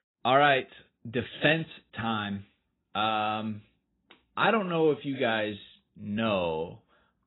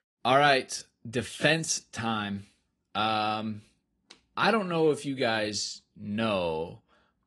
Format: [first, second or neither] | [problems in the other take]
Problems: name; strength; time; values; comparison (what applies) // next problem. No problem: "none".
second | garbled, watery; badly; nothing above 4 kHz; slightly in the second